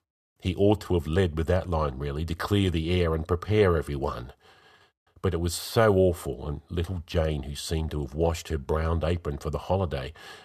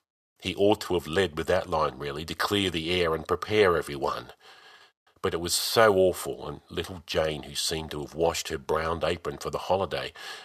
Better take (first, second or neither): first